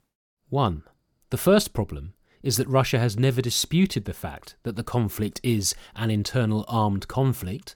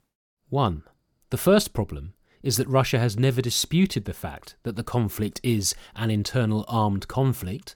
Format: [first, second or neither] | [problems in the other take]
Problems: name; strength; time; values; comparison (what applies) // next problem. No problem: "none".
neither | none